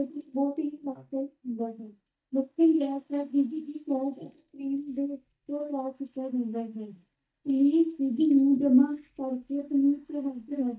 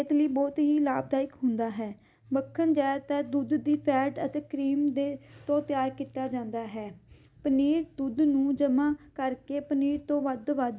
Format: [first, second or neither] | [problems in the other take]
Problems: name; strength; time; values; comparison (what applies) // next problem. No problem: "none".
second | noise reduction (neural mask model DeepFilterNet 3)